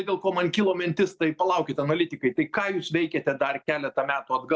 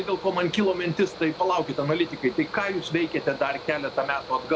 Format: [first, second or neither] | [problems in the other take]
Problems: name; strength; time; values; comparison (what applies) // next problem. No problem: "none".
first | background sound (Mechanical fan); 14 dB below the speech